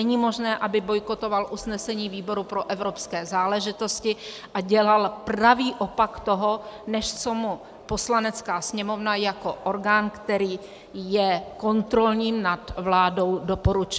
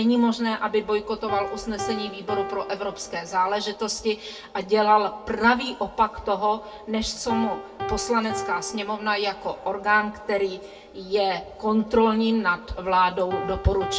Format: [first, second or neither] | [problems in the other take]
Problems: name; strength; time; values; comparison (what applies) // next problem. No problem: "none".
first | background sound (Piano); 13 dB below the speech // room echo; dies away in 0.1 s